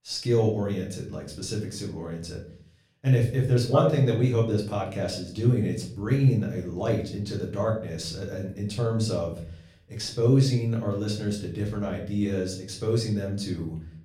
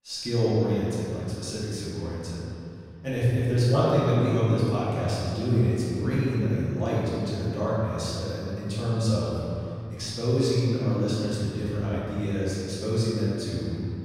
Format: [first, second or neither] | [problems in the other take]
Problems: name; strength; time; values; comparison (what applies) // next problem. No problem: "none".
first | room echo; strong; dies away in 2.6 s; slight in the first // off-mic speech; far; far in the first